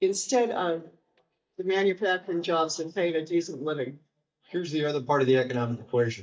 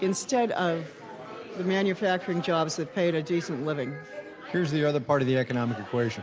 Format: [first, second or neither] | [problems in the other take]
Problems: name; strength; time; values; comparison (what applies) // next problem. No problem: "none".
second | noise reduction (neural mask model DeepFilterNet 3)